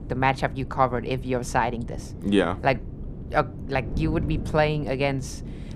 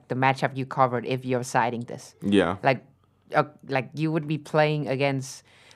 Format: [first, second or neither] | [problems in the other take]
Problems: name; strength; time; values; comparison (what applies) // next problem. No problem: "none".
second | wind noise on the microphone; occasional gusts; 20 dB below the speech